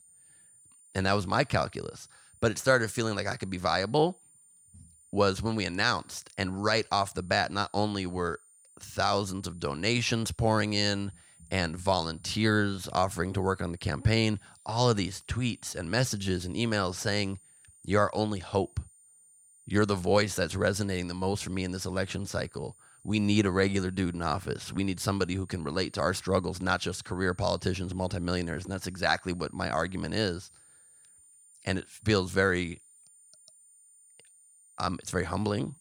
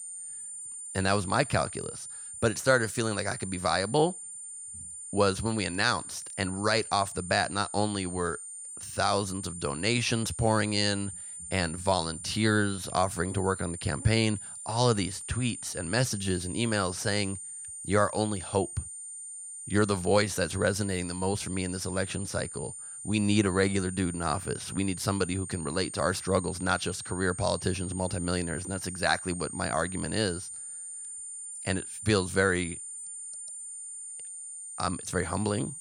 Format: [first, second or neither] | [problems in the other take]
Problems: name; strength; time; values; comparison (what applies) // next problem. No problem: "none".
first | high-pitched whine; loud; throughout; 9 kHz, 9 dB below the speech; faint in the first